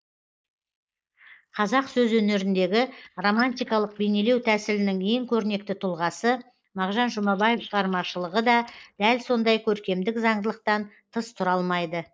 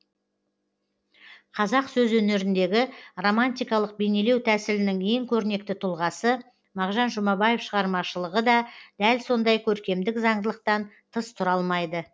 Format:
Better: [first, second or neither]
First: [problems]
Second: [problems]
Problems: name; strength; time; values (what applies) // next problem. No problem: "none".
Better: second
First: noise reduction (neural mask model Resemble Enhance denoiser)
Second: none